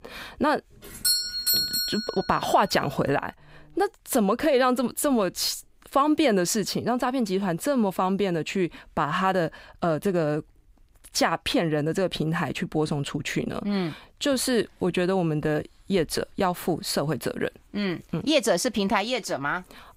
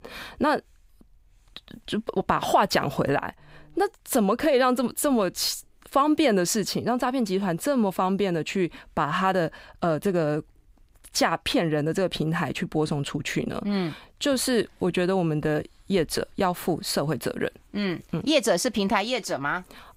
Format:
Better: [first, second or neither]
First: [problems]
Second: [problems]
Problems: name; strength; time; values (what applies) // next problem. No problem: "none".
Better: second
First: doorbell; loud; from 1 to 2 s; peak 4 dB above the speech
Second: none